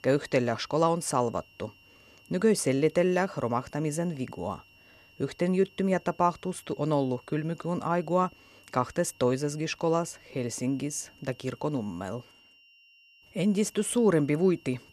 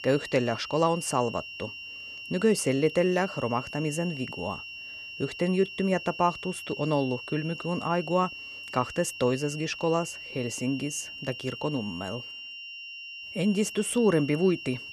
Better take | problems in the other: first | high-pitched whine; loud; throughout; 3 kHz, 10 dB below the speech; faint in the first

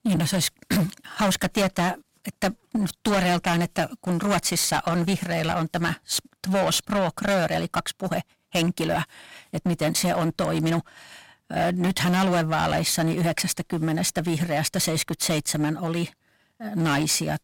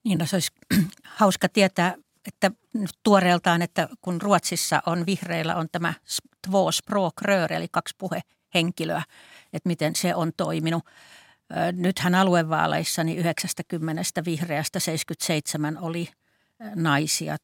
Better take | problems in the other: second | distortion; heavy; 13% of the sound clipped

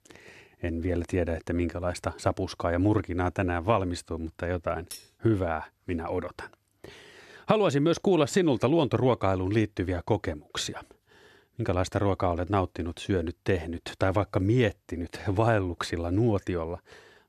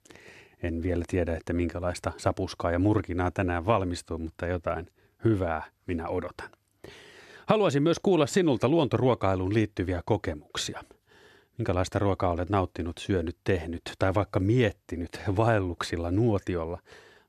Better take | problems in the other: second | clattering dishes; faint; at 5 s; peak 15 dB below the speech

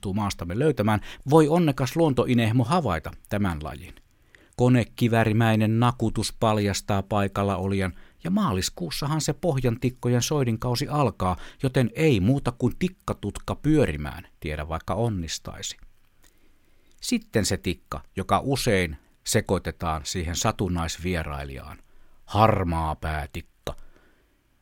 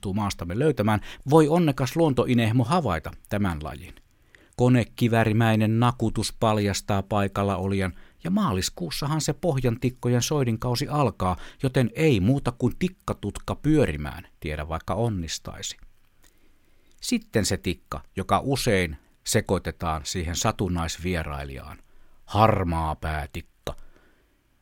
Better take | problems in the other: neither | none

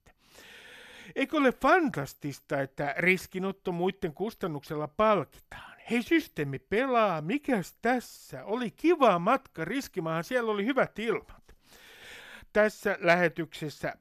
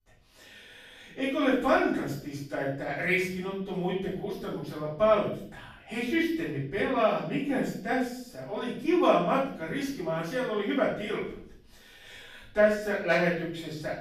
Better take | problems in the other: first | room echo; noticeable; dies away in 0.6 s // off-mic speech; far

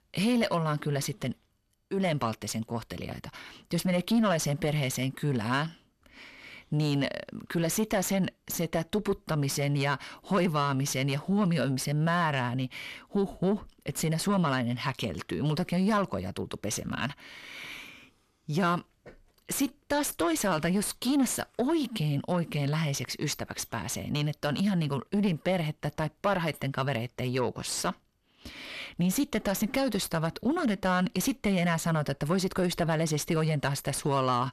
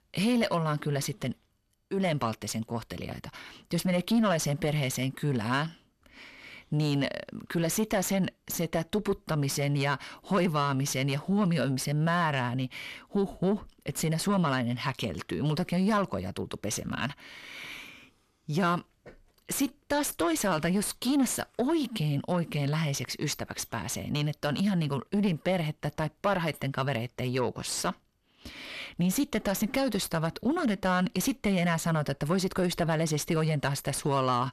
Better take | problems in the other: neither | distortion; slight; 10 dB below the speech; the same in both

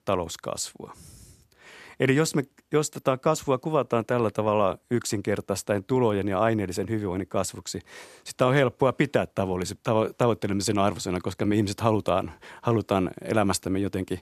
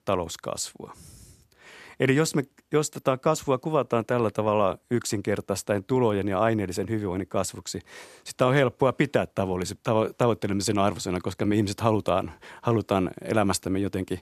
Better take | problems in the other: neither | none

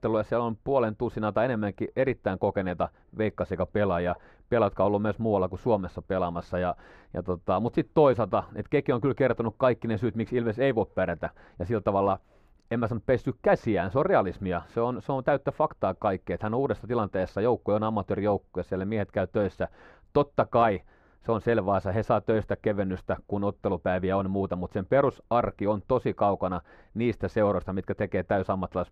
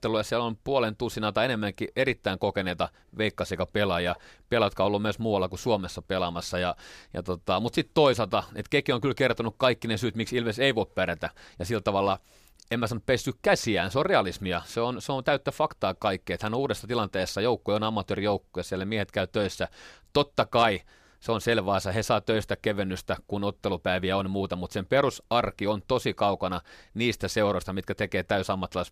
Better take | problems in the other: second | muffled; very; fading above 2.5 kHz

